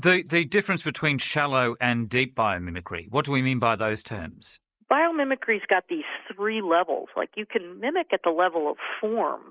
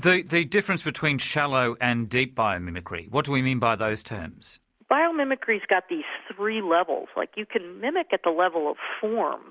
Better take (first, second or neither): second